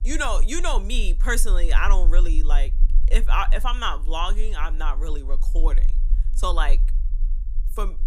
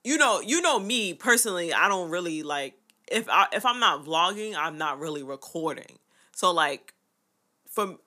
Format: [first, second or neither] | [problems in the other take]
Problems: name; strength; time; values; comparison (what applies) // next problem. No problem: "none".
second | low rumble; faint; throughout; 25 dB below the speech